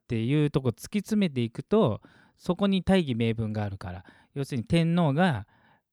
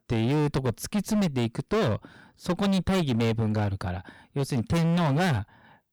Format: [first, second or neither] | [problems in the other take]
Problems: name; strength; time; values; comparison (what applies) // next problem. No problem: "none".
first | distortion; heavy; 25% of the sound clipped